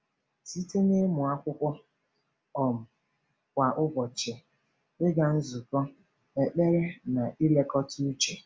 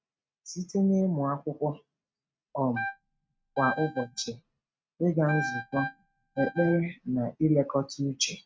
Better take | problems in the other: first | noise reduction (neural mask model RNNoise)

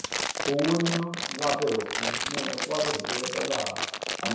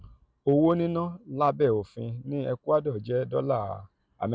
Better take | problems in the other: second | background sound (Crumpling, crinkling); 1 dB below the speech // room echo; dies away in 0.7 s

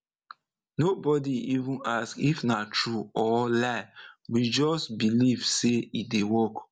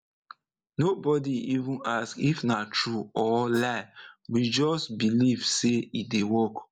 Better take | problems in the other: first | noise reduction (neural mask model Resemble Enhance denoiser)

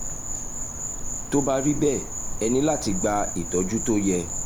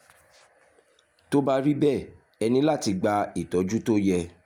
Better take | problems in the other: second | background sound (Insect); 4 dB below the speech

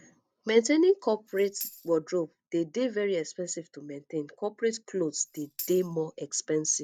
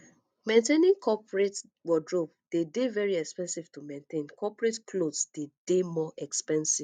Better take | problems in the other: second | background sound (Tambourine); 15 dB below the speech

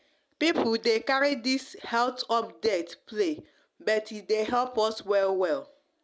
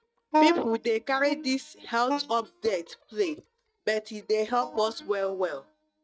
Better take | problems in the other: first | noise reduction (neural mask model DeepFilterNet 3)

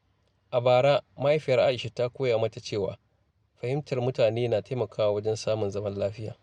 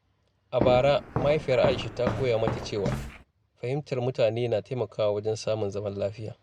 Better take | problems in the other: first | background sound (Walk, footsteps); 5 dB below the speech

